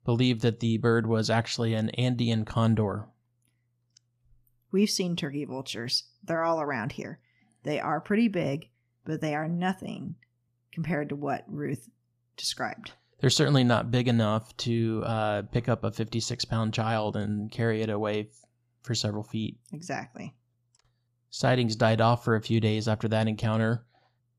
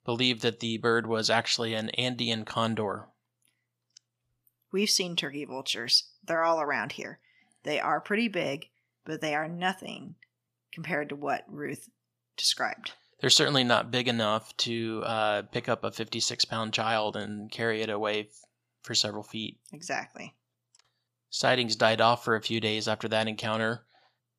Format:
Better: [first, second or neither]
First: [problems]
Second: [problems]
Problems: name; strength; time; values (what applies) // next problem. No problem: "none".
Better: first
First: none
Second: thin; somewhat; fading below 650 Hz